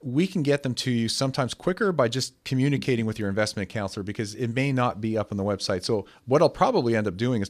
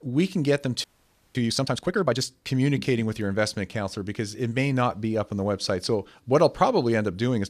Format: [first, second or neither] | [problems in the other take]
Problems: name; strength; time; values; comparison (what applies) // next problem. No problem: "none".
first | audio freezing; at 1 s for 0.5 s